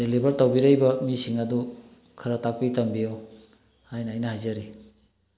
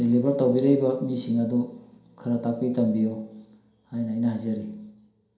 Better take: first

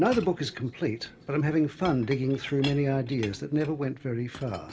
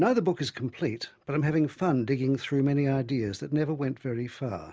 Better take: second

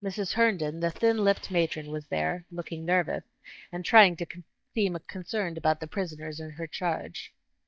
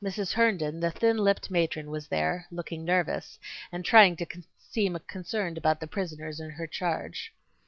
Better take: second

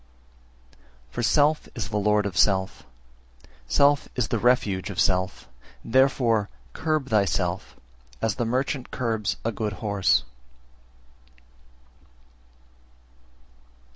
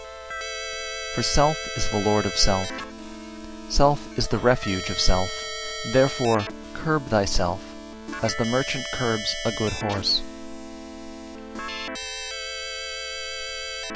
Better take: first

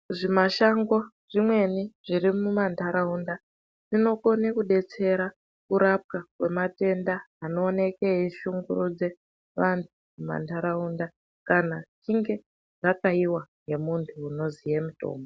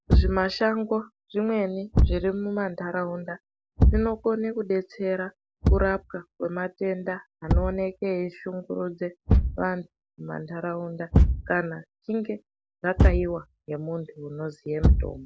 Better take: first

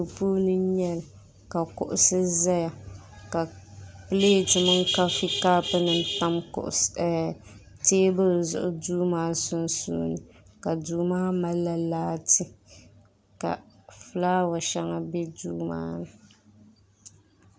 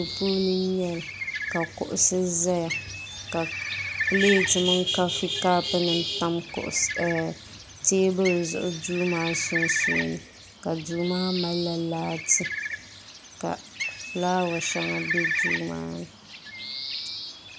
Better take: first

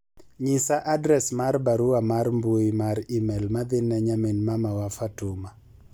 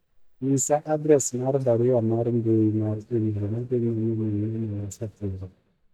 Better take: first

